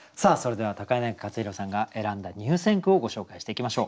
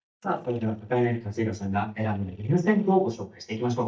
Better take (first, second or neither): first